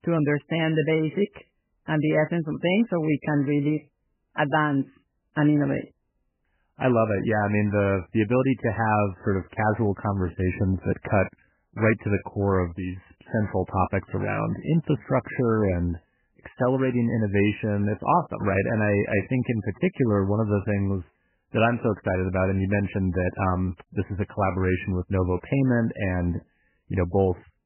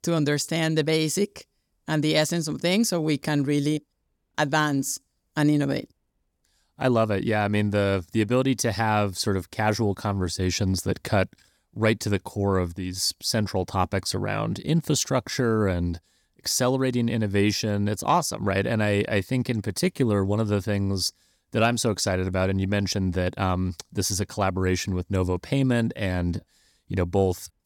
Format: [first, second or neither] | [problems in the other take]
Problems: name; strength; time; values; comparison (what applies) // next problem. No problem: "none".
second | garbled, watery; badly; nothing above 3 kHz